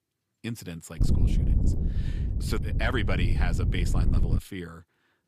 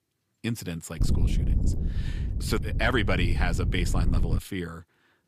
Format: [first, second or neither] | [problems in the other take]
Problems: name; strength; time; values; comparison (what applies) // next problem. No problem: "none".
second | wind noise on the microphone; heavy; from 1 to 4.5 s; 6 dB below the speech; occasional gusts in the second